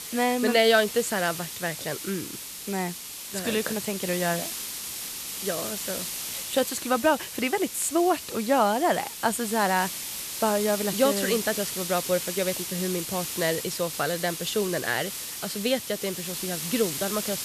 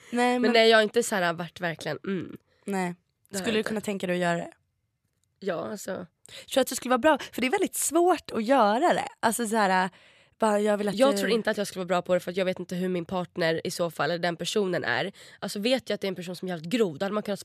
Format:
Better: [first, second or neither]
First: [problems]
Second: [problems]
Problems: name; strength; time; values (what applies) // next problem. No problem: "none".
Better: second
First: hiss; loud; throughout; 5 dB below the speech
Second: none